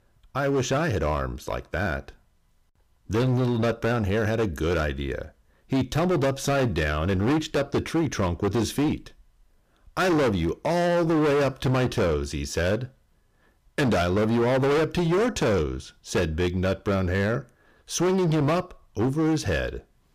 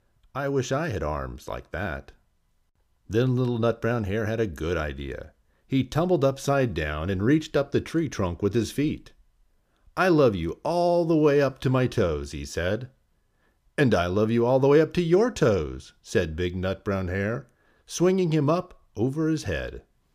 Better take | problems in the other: second | distortion; heavy; 17% of the sound clipped

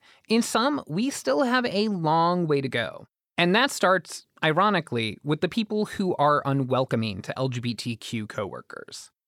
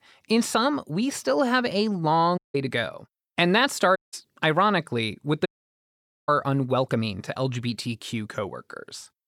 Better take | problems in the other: first | audio cutting out; at 2.5 s, at 4 s and at 5.5 s for 1 s

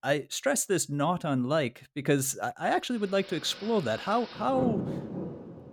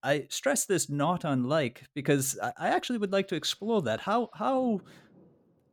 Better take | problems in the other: second | rain or running water; loud; from 3 s on; 9 dB below the speech; faint in the second

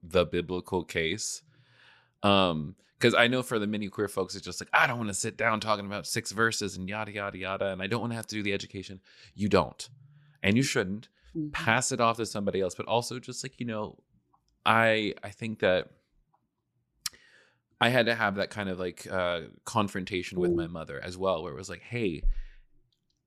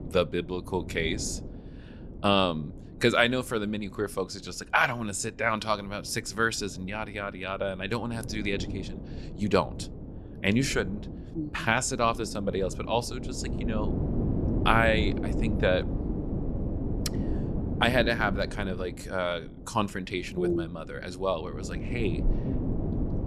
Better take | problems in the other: first | wind noise on the microphone; occasional gusts; 15 dB below the speech

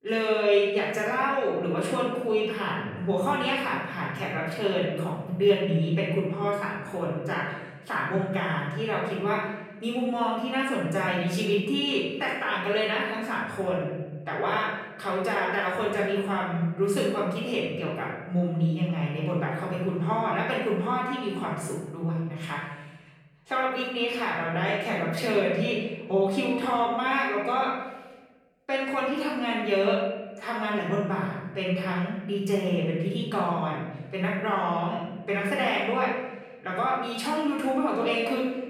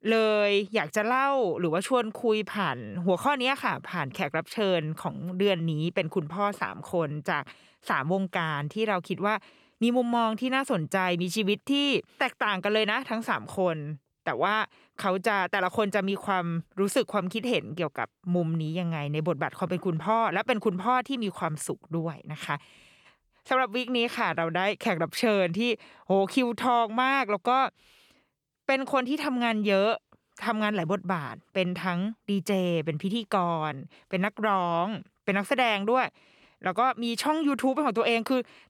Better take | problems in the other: second | room echo; noticeable; dies away in 1.1 s // off-mic speech; far

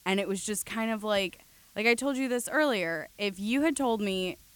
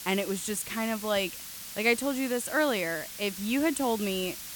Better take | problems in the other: first | hiss; loud; throughout; 9 dB below the speech; faint in the first

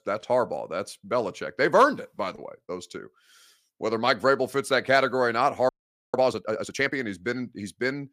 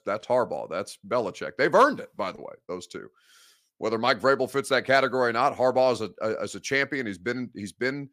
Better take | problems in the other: second | audio freezing; at 5.5 s

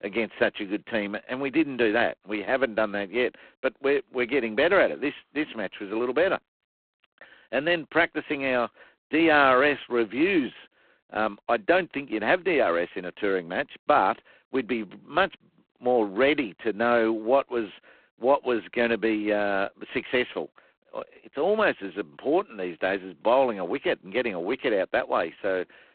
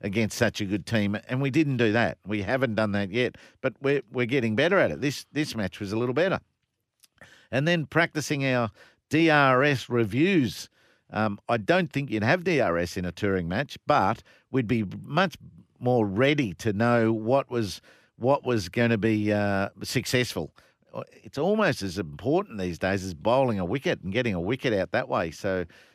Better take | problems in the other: second | phone-call audio; poor line; nothing above 4 kHz

